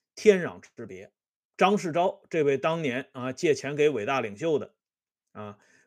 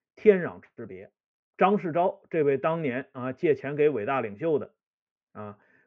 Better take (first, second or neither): first